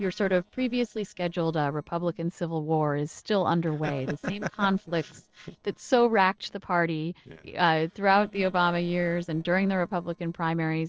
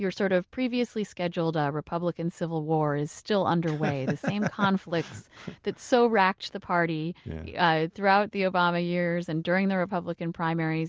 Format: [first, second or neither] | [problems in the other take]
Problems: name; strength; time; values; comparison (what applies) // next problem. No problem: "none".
second | noise reduction (neural separator model SepFormer DNS4)